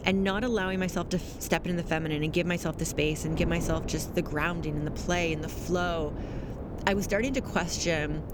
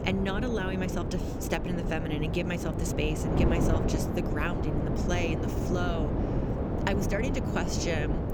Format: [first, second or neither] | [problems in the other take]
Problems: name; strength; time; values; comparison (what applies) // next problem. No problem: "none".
first | wind noise on the microphone; heavy; 1 dB below the speech; occasional gusts in the first